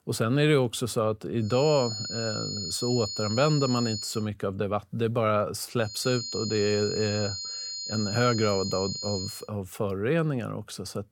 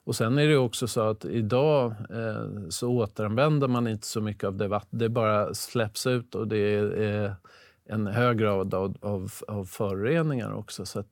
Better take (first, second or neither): second